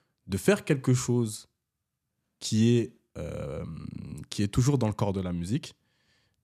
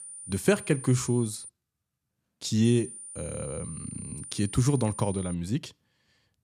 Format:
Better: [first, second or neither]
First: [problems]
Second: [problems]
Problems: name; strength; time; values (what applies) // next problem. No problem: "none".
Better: first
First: none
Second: high-pitched whine; noticeable; until 1.5 s and from 2.5 to 5.5 s; 9 kHz, 10 dB below the speech